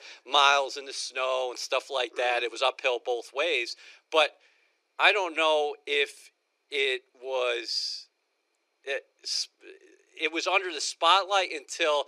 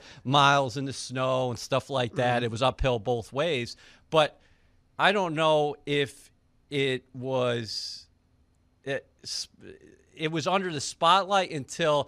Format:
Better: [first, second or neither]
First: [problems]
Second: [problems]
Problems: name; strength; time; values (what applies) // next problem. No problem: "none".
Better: second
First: thin; very; fading below 350 Hz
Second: none